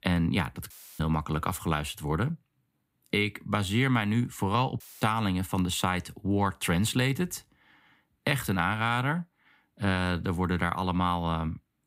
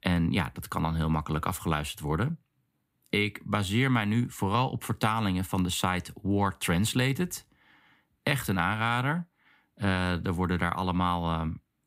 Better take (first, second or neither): second